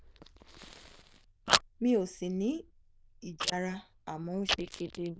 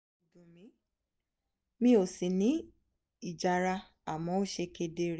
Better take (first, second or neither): second